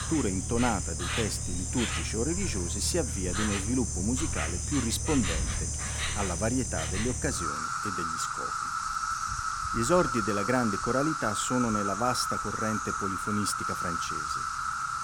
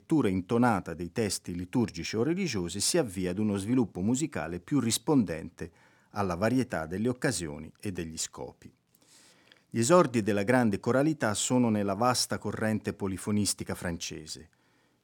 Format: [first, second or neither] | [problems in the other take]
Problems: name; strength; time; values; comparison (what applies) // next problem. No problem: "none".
second | animal sounds; very loud; throughout; as loud as the speech